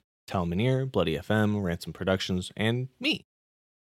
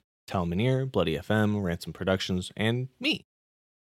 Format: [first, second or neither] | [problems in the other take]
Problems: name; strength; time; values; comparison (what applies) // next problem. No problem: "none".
neither | none